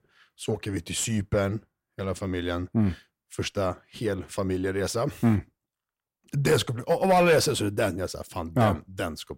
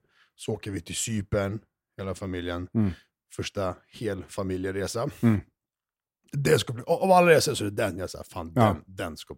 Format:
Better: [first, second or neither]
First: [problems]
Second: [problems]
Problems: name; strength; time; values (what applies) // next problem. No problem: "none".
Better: second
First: distortion; slight; 10 dB below the speech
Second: none